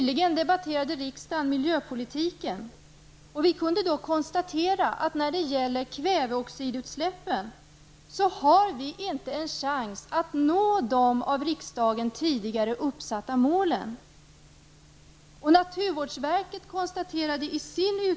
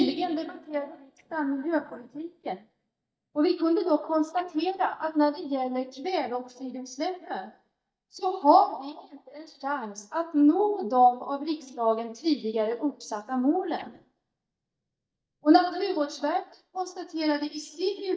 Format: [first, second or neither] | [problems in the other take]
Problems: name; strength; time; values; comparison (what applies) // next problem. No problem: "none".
first | noise reduction (neural mask model DeepFilterNet 3)